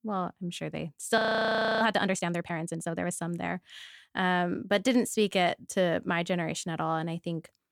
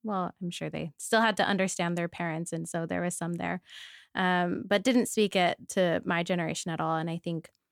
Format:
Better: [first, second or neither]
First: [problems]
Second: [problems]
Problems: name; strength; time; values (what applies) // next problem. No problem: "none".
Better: second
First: audio freezing; at 1 s for 0.5 s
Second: none